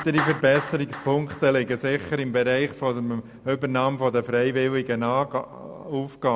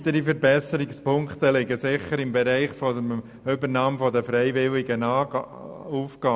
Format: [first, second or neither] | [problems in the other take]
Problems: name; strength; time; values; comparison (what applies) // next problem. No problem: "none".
second | background sound (Clapping); 15 dB below the speech